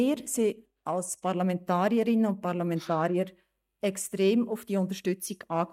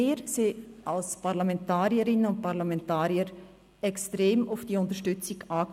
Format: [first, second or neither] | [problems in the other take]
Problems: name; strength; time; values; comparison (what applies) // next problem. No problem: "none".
second | noise reduction (neural mask model DeepFilterNet 3)